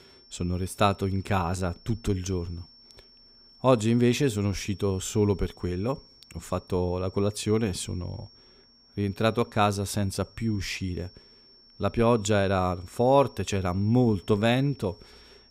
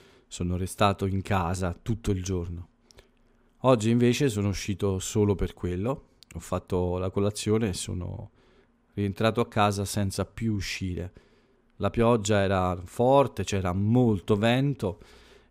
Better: second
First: high-pitched whine; faint; throughout; 5.5 kHz, 25 dB below the speech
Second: none

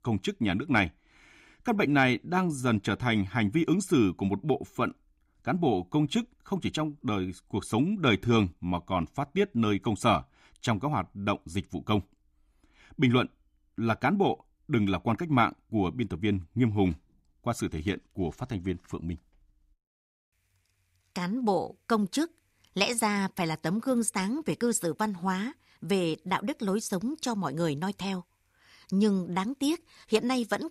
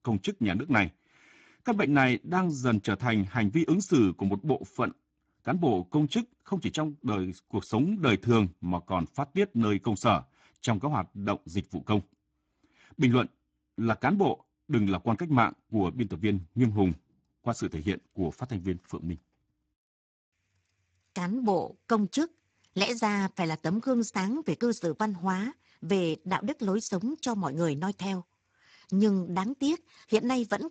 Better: first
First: none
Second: garbled, watery; badly; nothing above 7.5 kHz

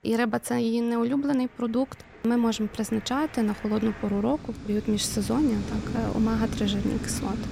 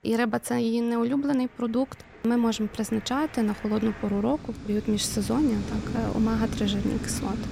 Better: neither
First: rain or running water; loud; throughout; 9 dB below the speech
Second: rain or running water; loud; throughout; 9 dB below the speech

